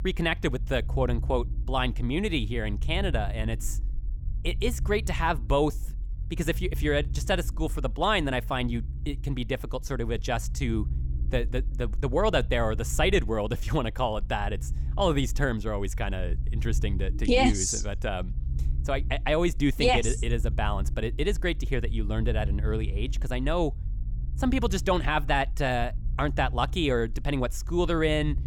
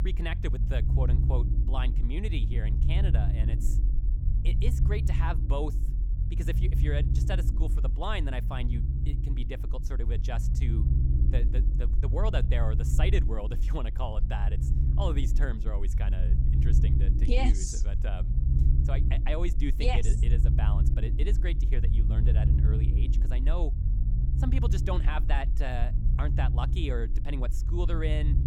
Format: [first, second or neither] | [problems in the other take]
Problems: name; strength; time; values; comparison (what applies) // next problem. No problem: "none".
first | low rumble; loud; throughout; 6 dB below the speech; faint in the first